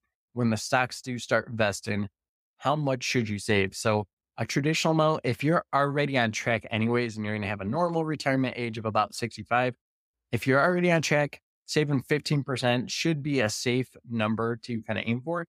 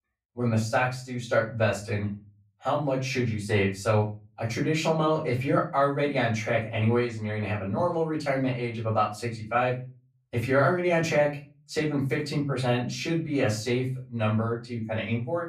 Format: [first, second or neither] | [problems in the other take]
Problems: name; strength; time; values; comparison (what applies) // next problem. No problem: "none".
first | off-mic speech; far // room echo; slight; dies away in 0.3 s